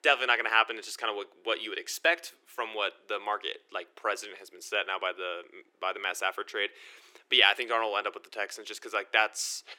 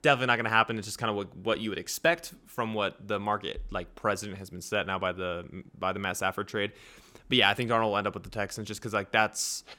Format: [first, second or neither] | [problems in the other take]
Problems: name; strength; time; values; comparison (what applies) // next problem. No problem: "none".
second | thin; very; fading below 350 Hz